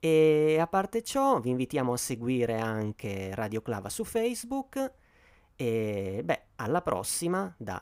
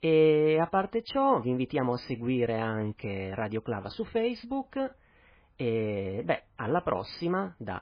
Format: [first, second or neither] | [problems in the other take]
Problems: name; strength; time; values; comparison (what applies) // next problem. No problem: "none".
first | garbled, watery; badly; nothing above 5 kHz